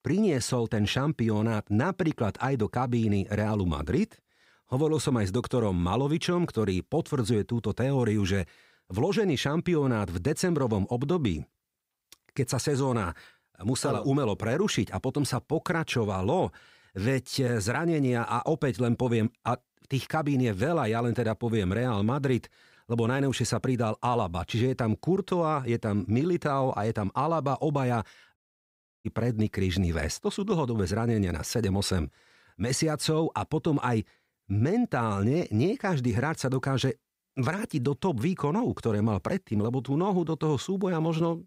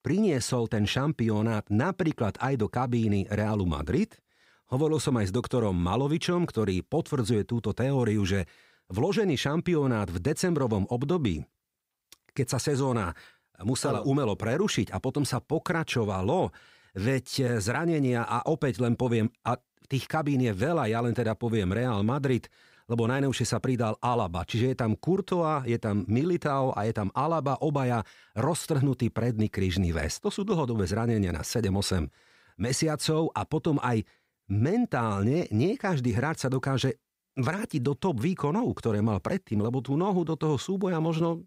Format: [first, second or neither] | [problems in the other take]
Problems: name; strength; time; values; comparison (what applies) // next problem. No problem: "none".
second | audio cutting out; at 28 s for 0.5 s